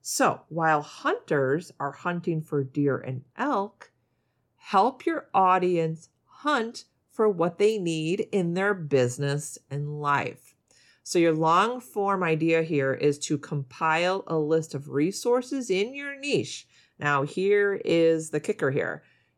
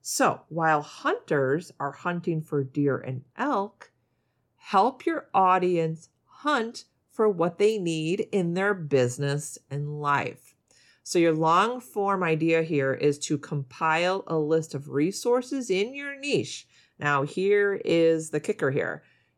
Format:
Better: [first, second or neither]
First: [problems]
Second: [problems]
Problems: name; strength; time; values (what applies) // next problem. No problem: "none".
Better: neither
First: none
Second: none